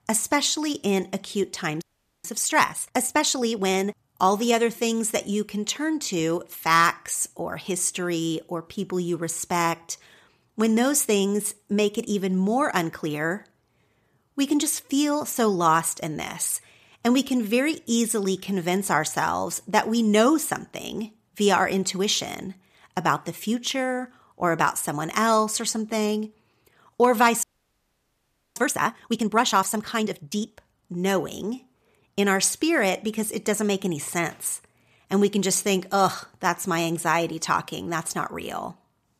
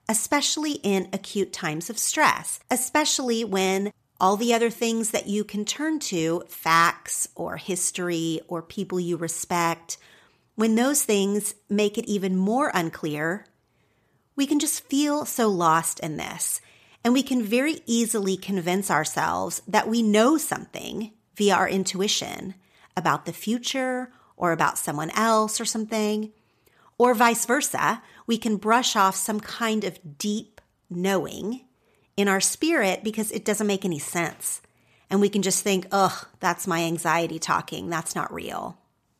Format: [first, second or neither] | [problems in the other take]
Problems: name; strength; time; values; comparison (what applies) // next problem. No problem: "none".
second | audio freezing; at 2 s and at 27 s for 1 s